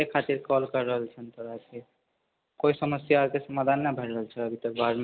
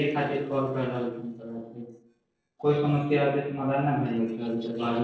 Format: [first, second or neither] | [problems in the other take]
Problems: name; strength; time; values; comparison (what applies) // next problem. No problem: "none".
first | noise reduction (neural separator model SepFormer DNS4)